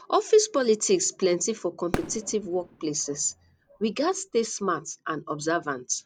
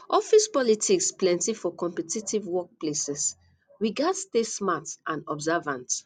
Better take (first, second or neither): second